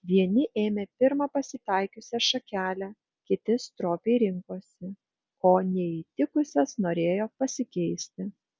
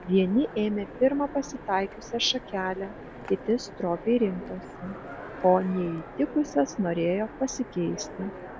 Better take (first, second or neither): first